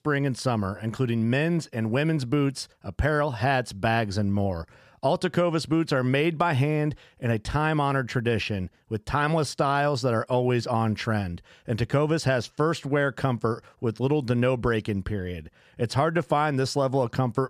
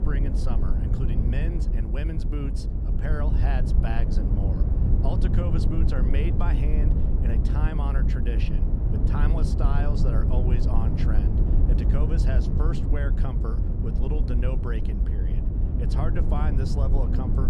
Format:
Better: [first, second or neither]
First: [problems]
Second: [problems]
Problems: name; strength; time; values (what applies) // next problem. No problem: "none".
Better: first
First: none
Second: low rumble; loud; throughout; 1 dB below the speech